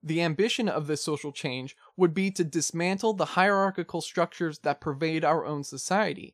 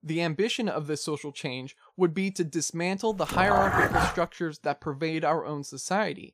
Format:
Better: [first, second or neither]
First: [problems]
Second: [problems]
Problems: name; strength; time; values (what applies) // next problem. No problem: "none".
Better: first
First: none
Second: dog barking; loud; at 3.5 s; peak 6 dB above the speech